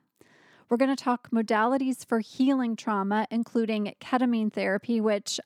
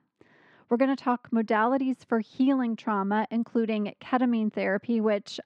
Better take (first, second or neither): first